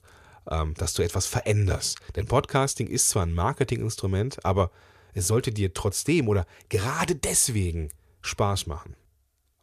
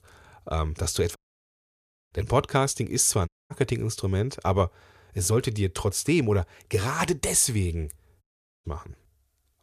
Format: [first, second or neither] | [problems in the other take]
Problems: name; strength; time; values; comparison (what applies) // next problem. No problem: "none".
first | audio cutting out; at 1 s for 1 s, at 3.5 s and at 8 s